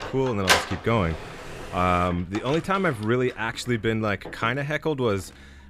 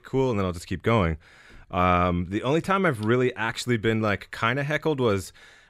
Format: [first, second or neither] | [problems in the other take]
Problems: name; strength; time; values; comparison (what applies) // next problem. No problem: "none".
second | door banging; loud; until 2.5 s; peak 5 dB above the speech